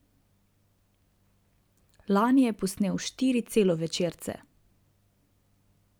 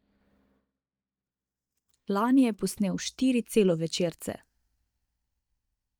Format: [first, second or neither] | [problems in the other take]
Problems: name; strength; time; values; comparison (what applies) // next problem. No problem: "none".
first | noise reduction (neural mask model DeepFilterNet 3)